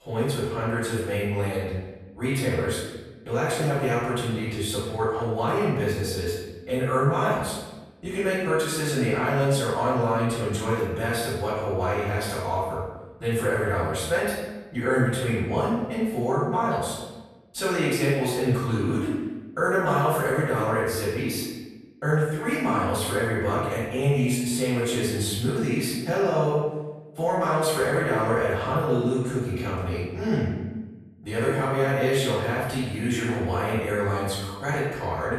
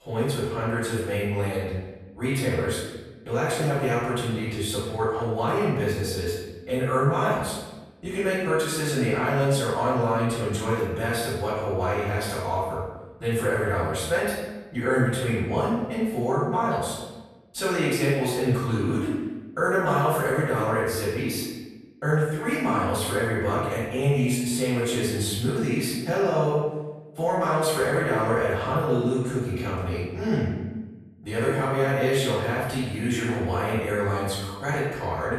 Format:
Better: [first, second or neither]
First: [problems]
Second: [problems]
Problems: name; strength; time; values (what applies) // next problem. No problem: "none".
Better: neither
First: off-mic speech; far // room echo; strong; dies away in 1 s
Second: off-mic speech; far // room echo; strong; dies away in 1 s